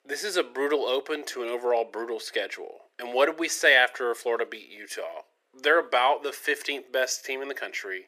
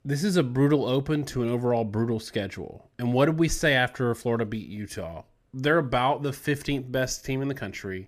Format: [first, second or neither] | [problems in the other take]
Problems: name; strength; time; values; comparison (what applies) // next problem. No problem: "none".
second | thin; very; fading below 400 Hz